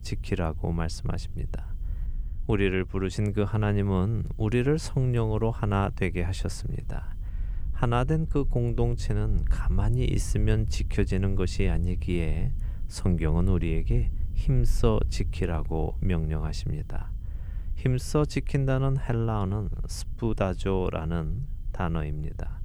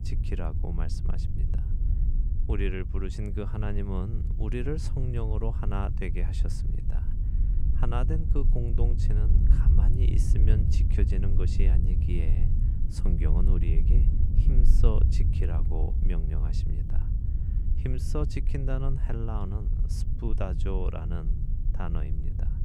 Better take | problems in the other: first | low rumble; loud; throughout; 6 dB below the speech; faint in the first

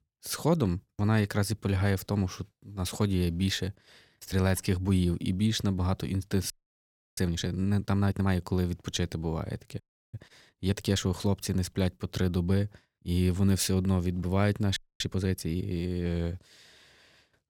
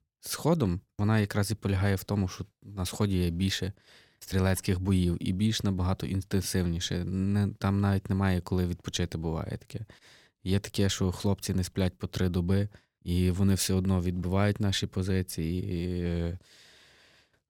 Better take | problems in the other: second | audio freezing; at 6.5 s for 0.5 s, at 10 s and at 15 s

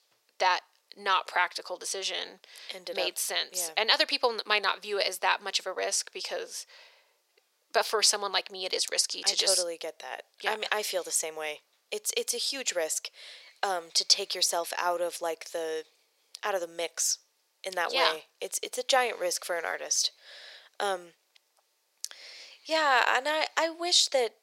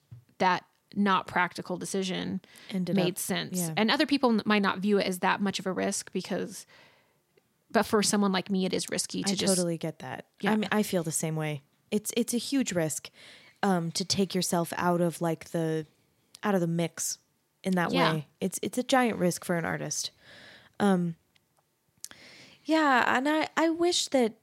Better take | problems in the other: second | thin; very; fading below 500 Hz

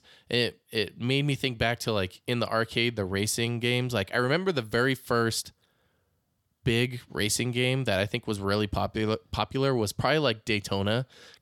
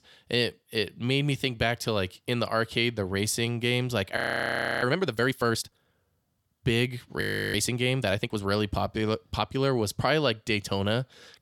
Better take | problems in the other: first | audio freezing; at 4 s for 0.5 s and at 7 s

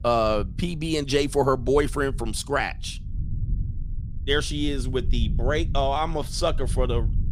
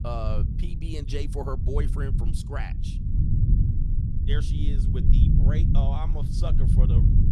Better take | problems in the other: first | low rumble; loud; throughout; 1 dB below the speech; faint in the first

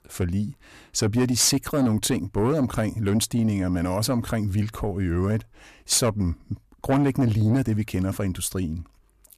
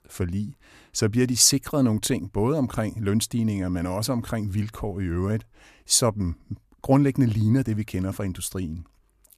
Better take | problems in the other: second | distortion; slight; 10 dB below the speech

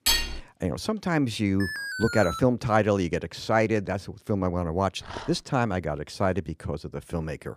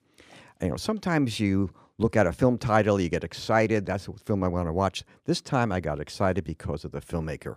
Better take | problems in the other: second | clattering dishes; loud; at the start; peak 4 dB above the speech // alarm; noticeable; at 1.5 s; peak 4 dB below the speech // dog barking; faint; at 5 s; peak 10 dB below the speech

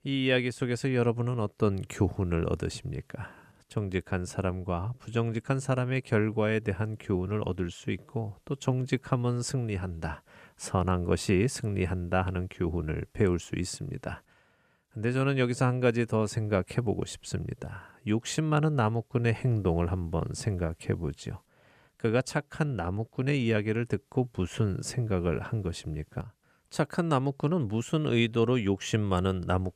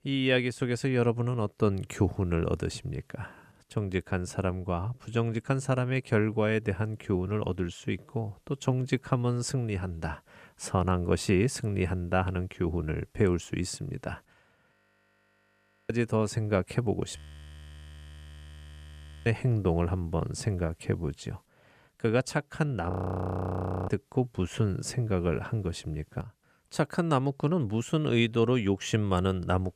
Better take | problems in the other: first | audio freezing; at 15 s for 1 s, at 17 s for 2 s and at 23 s for 1 s

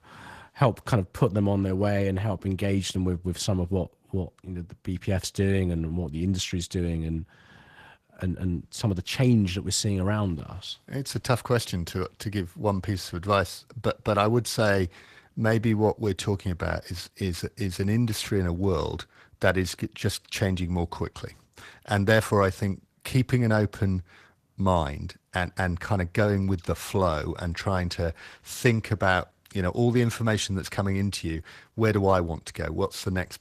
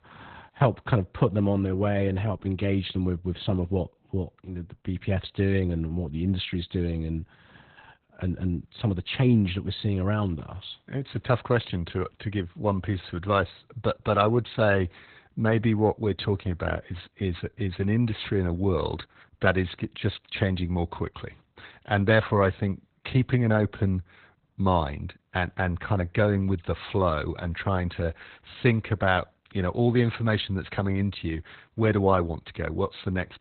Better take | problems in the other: first | garbled, watery; badly; nothing above 4 kHz; slightly in the first

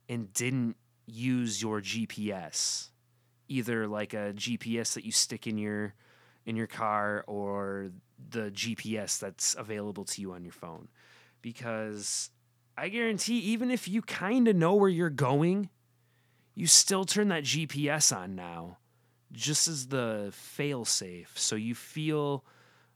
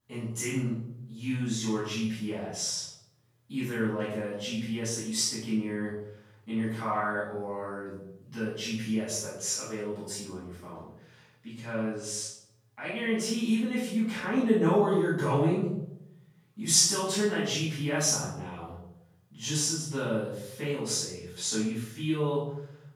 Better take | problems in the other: first | room echo; noticeable; dies away in 0.7 s // off-mic speech; far

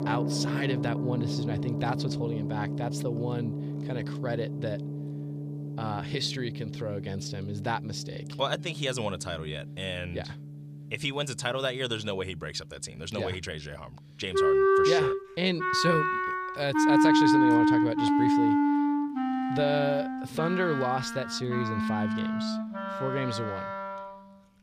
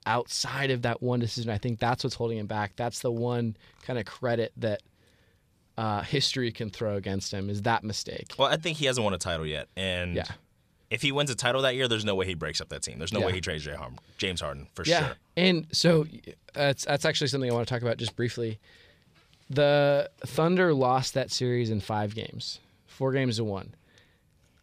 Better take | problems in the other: second | background music; very loud; throughout; 4 dB above the speech

